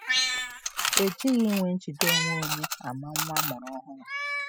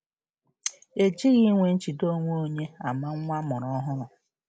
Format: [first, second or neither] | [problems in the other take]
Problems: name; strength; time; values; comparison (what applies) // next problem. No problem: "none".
second | noise reduction (classical method spectral subtraction)